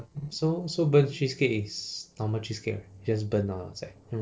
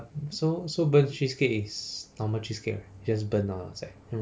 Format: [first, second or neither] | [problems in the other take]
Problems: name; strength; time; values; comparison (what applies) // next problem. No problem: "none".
second | noise reduction (neural separator model SepFormer DNS4)